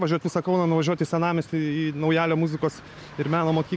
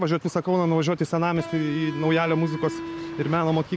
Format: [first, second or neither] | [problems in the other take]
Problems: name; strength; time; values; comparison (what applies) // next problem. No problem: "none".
first | background sound (Electric guitar); 10 dB below the speech